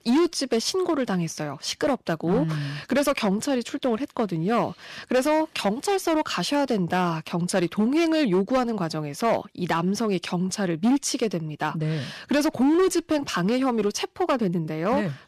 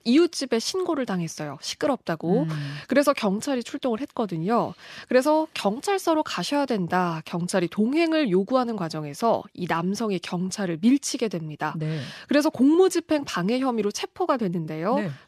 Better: second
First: distortion; slight; 8% of the sound clipped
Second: none

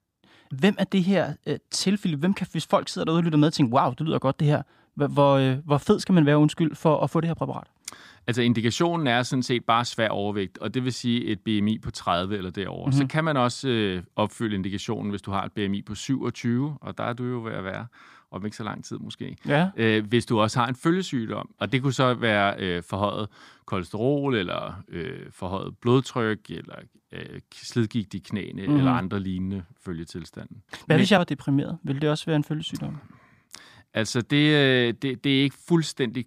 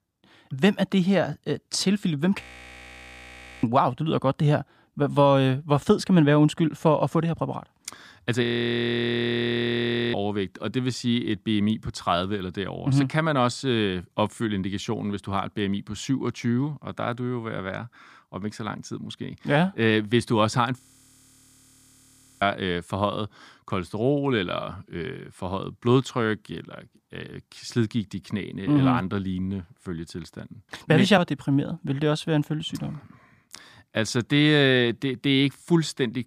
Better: first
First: none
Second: audio freezing; at 2.5 s for 1 s, at 8.5 s for 1.5 s and at 21 s for 1.5 s

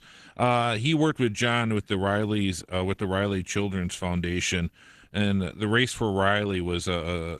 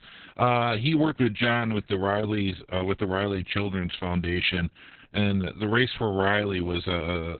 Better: first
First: garbled, watery; slightly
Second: garbled, watery; badly; nothing above 4 kHz

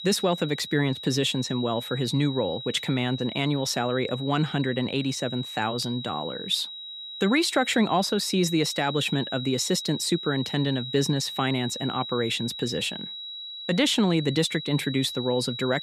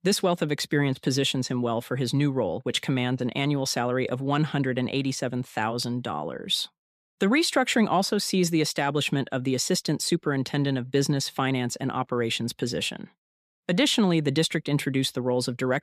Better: second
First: high-pitched whine; loud; throughout; 4 kHz, 9 dB below the speech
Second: none

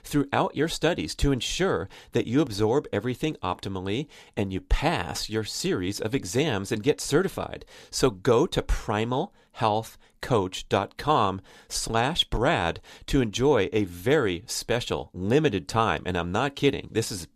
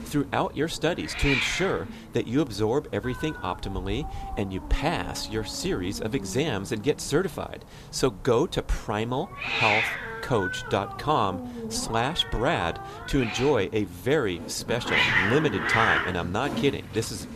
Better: first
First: none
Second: hiss; loud; throughout; 2 dB below the speech

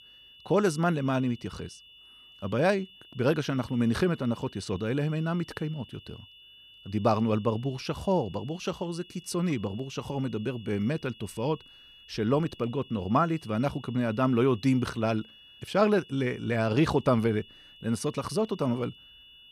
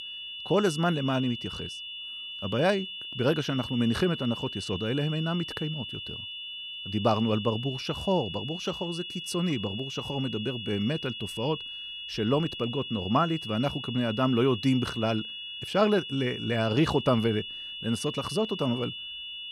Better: first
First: high-pitched whine; faint; throughout; 3 kHz, 20 dB below the speech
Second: high-pitched whine; loud; throughout; 3 kHz, 7 dB below the speech

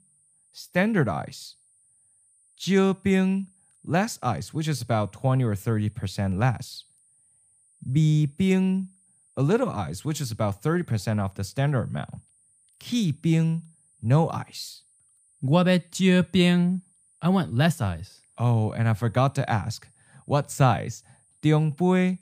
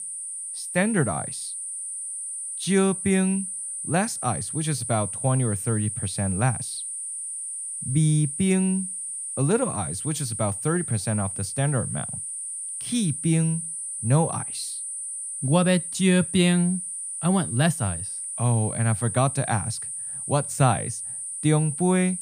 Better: first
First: high-pitched whine; faint; throughout; 9.5 kHz, 35 dB below the speech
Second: high-pitched whine; loud; throughout; 9.5 kHz, 5 dB below the speech

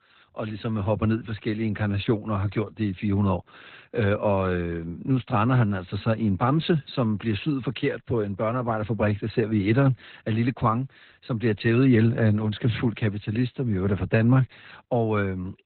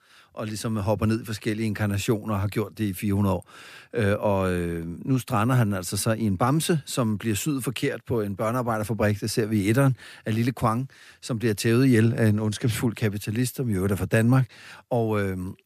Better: second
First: garbled, watery; badly; nothing above 4 kHz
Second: none

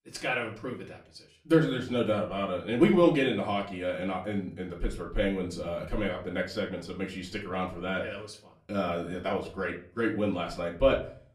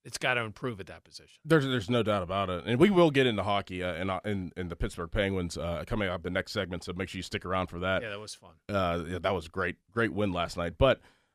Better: second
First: off-mic speech; far // room echo; very slight; dies away in 0.3 s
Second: none

